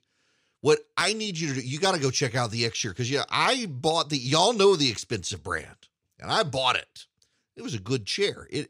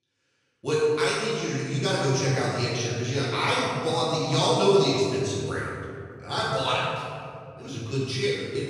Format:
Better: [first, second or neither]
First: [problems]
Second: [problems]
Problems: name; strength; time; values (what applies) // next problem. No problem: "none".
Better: first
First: none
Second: room echo; strong; dies away in 2.4 s // off-mic speech; far